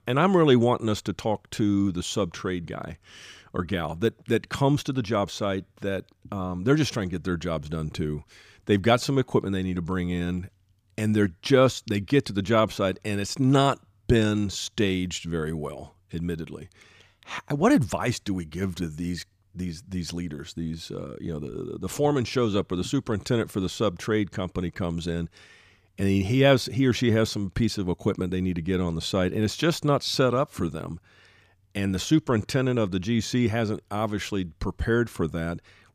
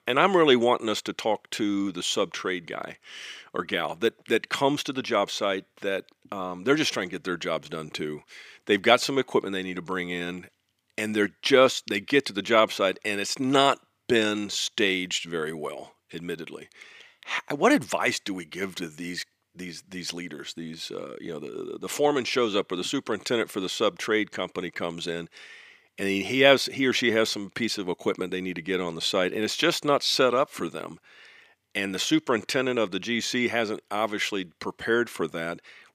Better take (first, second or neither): first